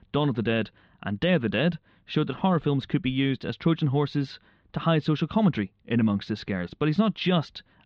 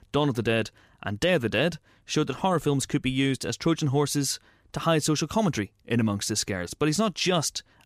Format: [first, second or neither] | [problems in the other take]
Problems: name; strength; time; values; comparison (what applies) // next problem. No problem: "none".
second | muffled; slightly; fading above 3.5 kHz